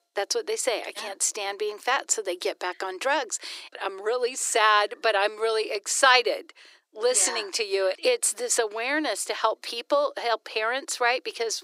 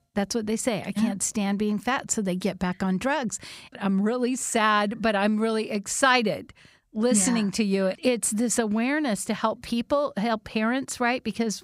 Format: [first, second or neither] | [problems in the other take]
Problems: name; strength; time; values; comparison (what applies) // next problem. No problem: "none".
second | thin; very; fading below 300 Hz